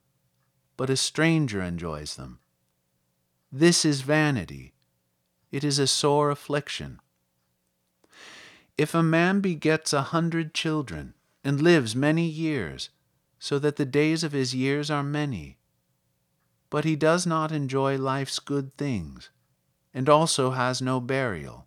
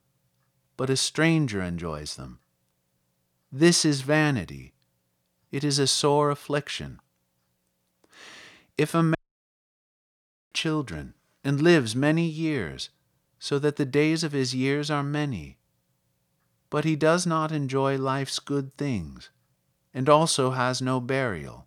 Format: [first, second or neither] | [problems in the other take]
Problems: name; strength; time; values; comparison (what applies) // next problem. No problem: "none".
first | audio cutting out; at 9 s for 1.5 s